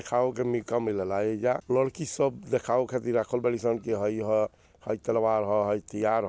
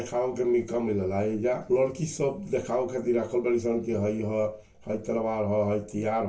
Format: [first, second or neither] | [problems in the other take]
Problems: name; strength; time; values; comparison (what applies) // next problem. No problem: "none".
first | room echo; dies away in 0.3 s